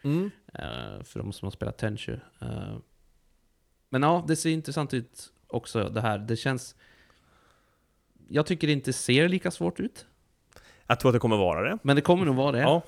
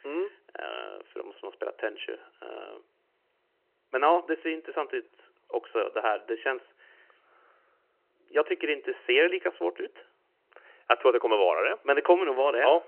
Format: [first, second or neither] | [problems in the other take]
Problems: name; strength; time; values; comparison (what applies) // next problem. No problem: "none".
first | phone-call audio; nothing above 3 kHz